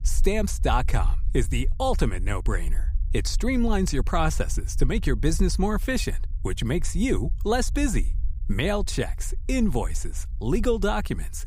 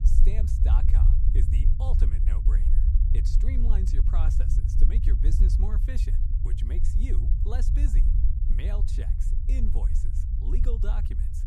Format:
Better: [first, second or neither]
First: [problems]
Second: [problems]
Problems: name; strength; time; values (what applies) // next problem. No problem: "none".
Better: first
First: low rumble; faint; throughout; 25 dB below the speech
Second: low rumble; loud; throughout; 1 dB below the speech